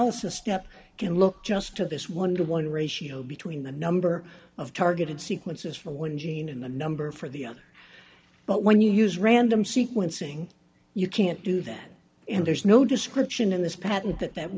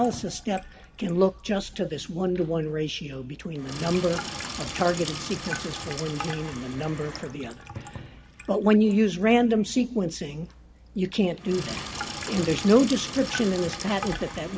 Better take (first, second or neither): first